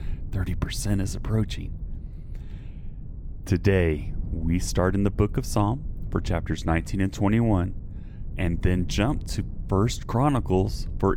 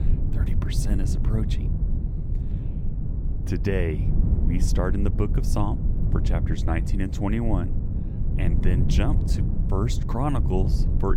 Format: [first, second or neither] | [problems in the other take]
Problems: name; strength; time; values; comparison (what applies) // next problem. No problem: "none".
first | low rumble; loud; throughout; 6 dB below the speech; faint in the first